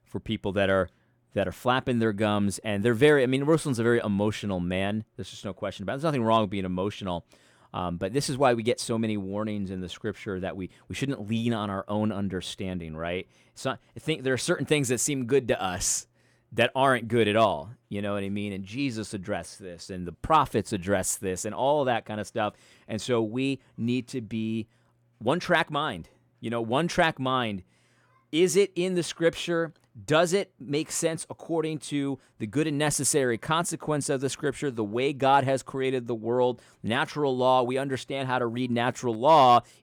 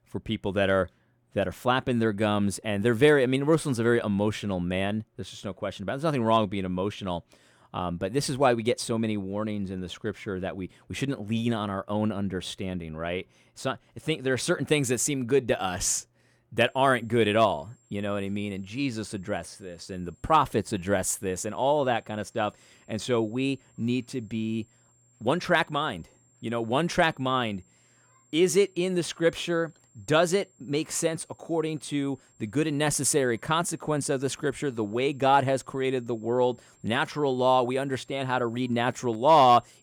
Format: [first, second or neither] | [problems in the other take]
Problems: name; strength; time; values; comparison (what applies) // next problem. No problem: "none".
first | high-pitched whine; faint; from 17 s on; 7.5 kHz, 35 dB below the speech